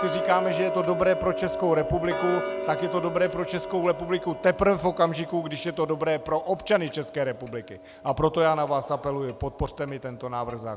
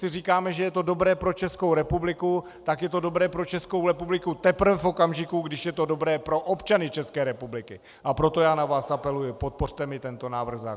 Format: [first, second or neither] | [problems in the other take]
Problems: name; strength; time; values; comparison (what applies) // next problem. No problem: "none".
second | background sound (Tick-tock); 8 dB below the speech